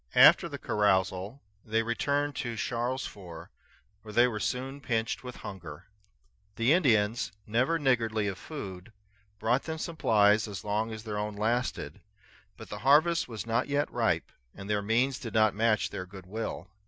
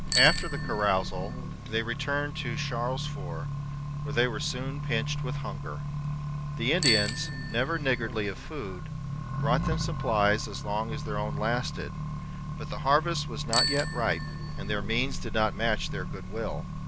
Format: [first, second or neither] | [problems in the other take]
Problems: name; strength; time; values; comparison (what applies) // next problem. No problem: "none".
first | background sound (Bicycle bell + Accelerating, revving, vroom); 1 dB below the speech